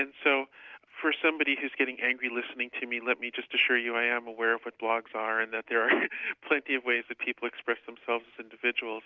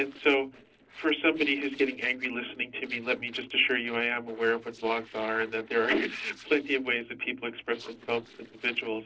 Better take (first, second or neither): first